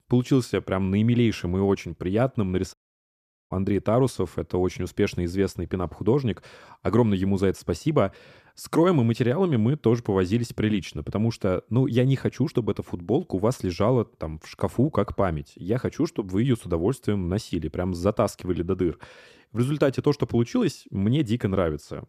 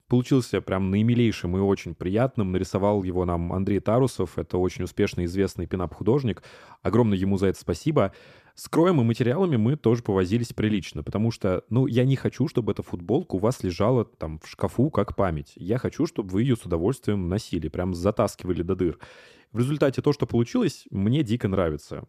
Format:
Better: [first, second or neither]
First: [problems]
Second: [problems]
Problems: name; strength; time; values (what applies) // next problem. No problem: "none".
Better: second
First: audio cutting out; at 2.5 s for 1 s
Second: none